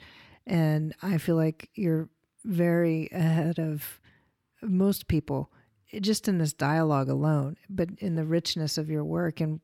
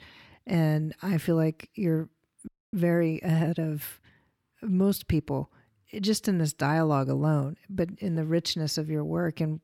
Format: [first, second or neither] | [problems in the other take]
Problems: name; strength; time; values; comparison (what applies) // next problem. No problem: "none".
first | audio freezing; at 2.5 s